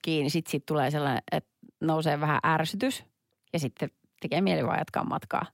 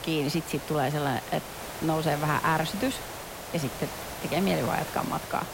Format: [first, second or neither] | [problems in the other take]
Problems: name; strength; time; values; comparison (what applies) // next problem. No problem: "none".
first | hiss; loud; throughout; 8 dB below the speech